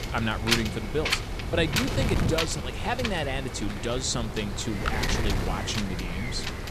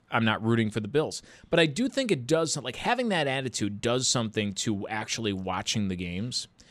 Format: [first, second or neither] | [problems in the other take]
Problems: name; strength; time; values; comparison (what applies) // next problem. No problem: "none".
second | wind noise on the microphone; heavy; as loud as the speech